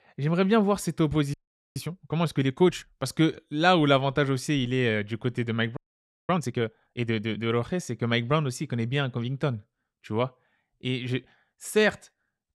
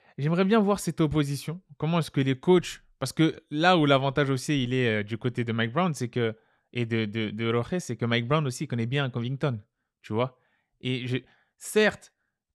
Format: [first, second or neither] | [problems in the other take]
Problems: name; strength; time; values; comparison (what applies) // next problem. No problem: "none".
second | audio freezing; at 1.5 s and at 6 s for 0.5 s